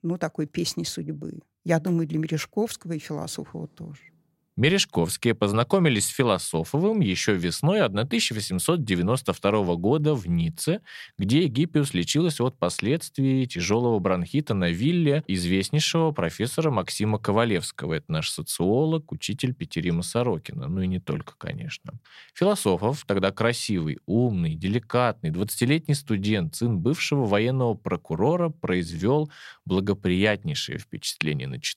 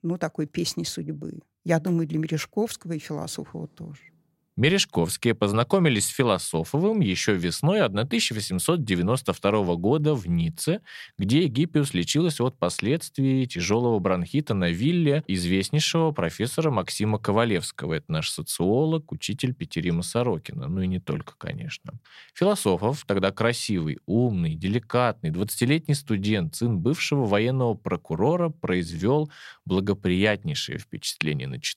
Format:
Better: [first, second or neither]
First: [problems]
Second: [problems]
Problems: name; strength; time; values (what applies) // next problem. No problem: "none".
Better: neither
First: none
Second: none